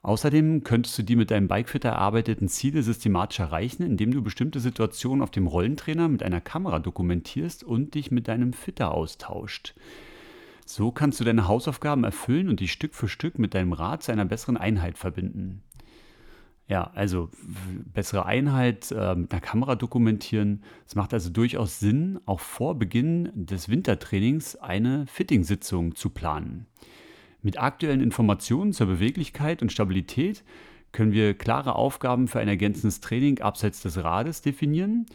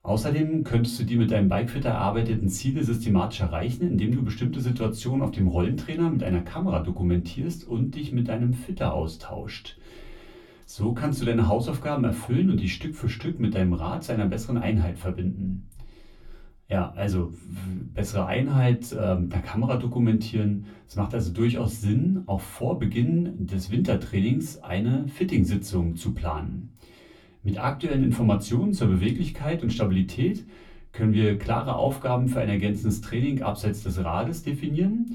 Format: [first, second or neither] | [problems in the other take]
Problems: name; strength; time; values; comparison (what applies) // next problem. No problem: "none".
first | off-mic speech; far // room echo; very slight; dies away in 0.2 s